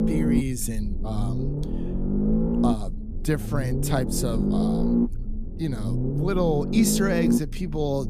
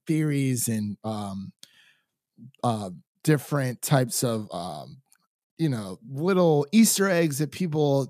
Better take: second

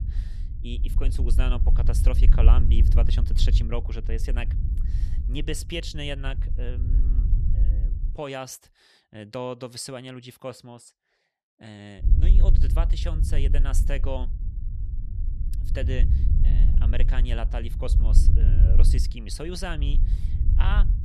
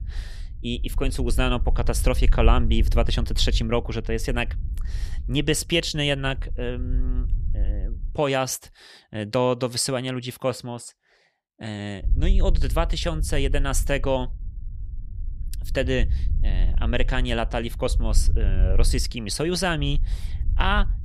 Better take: second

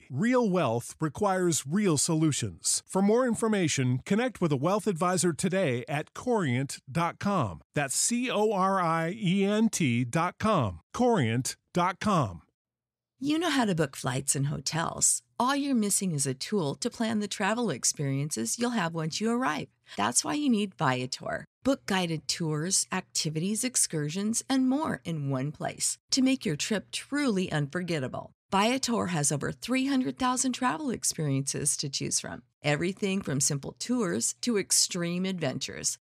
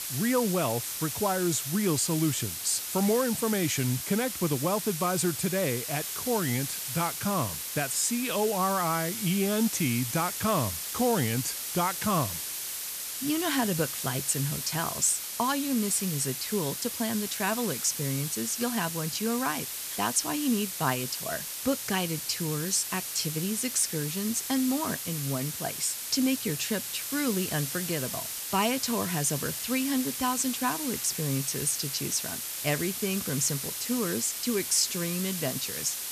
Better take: first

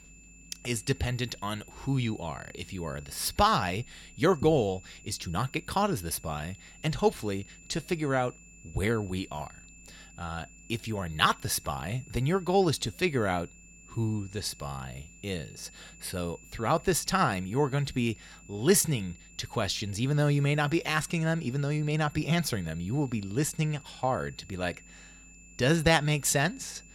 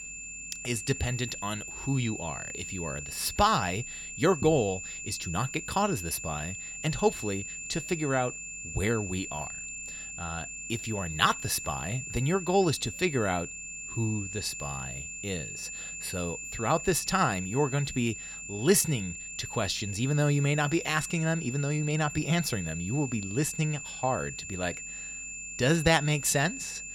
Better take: first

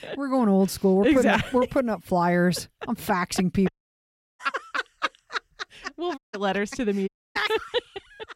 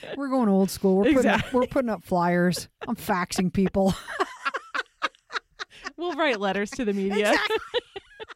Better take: second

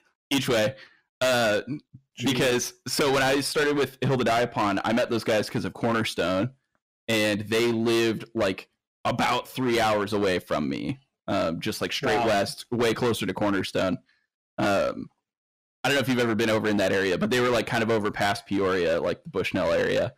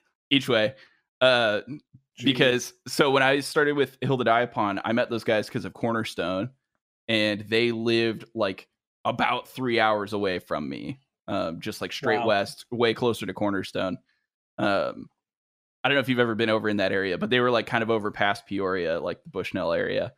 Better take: second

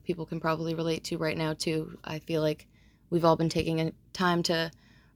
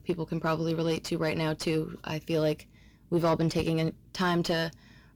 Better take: first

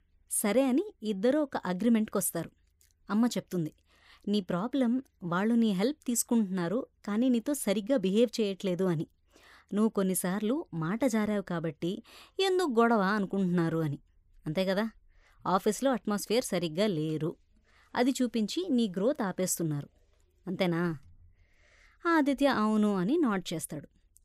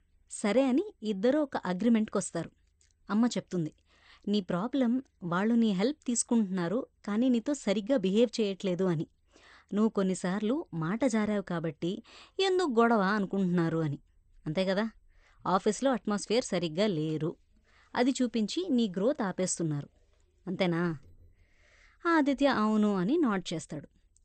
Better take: first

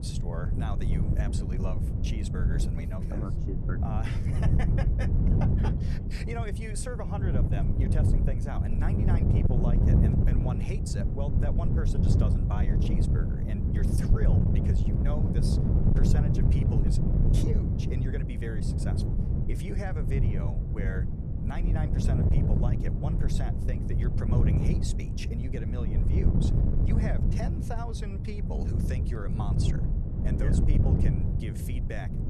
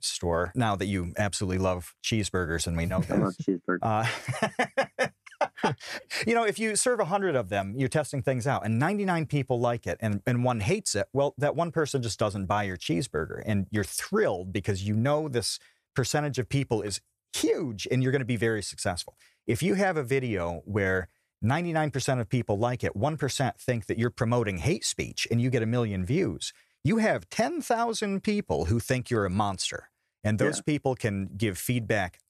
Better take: second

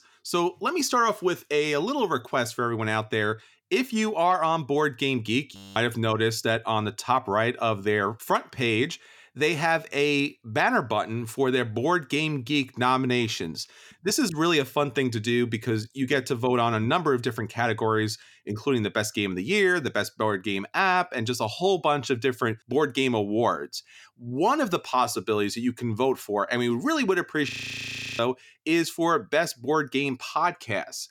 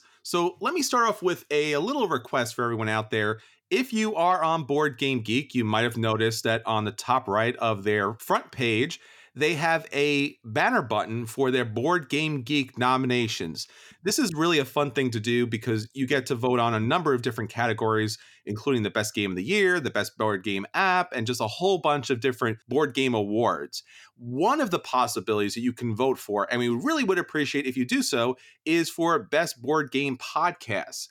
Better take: second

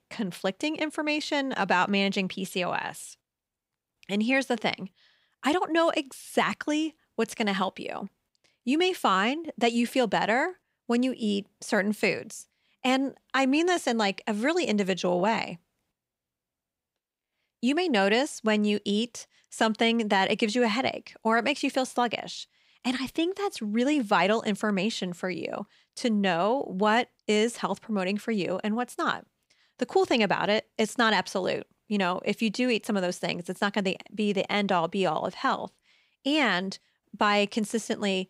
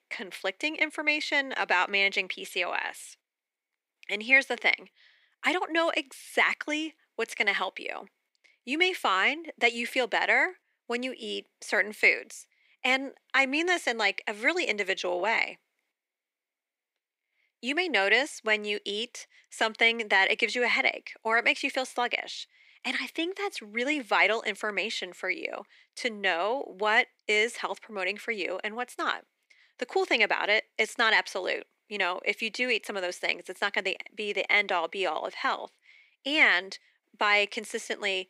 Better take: first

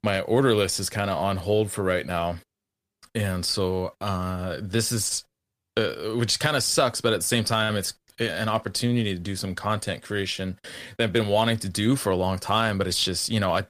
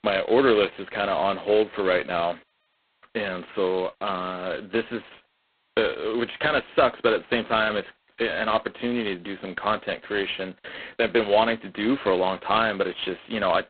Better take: first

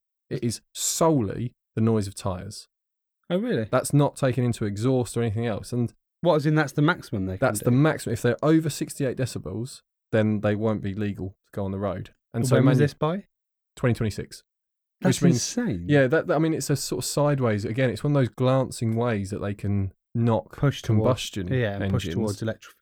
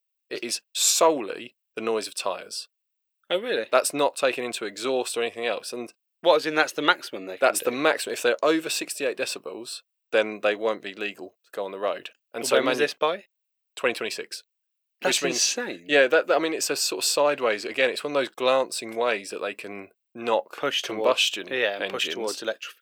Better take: first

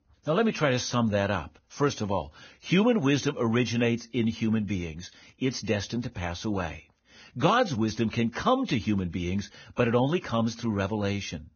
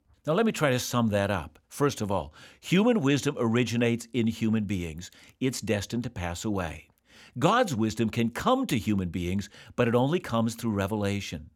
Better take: second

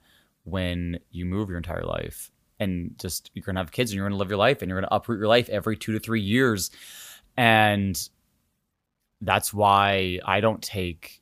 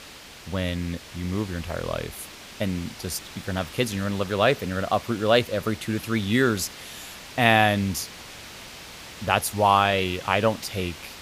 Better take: first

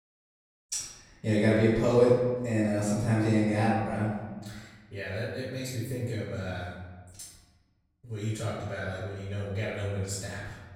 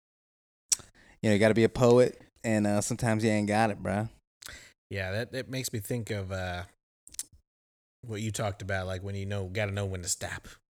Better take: second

